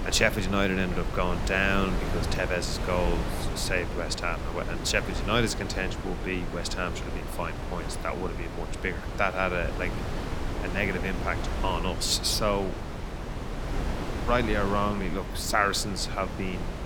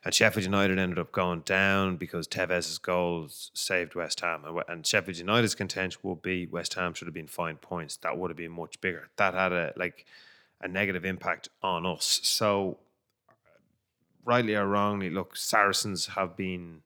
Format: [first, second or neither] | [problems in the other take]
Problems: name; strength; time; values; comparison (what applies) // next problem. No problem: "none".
second | wind noise on the microphone; heavy; 8 dB below the speech